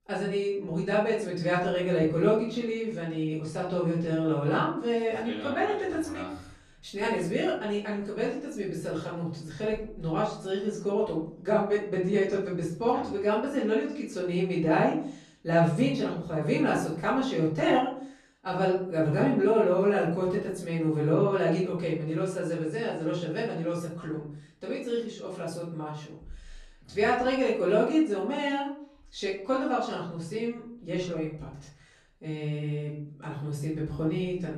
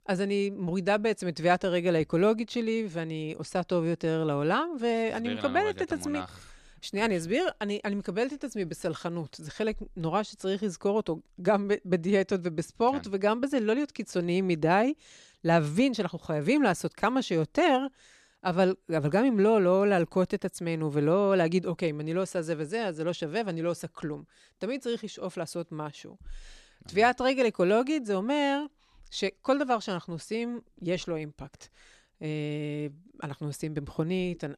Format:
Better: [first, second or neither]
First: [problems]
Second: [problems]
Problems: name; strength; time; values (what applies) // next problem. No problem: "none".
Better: second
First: off-mic speech; far // room echo; noticeable; dies away in 0.5 s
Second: none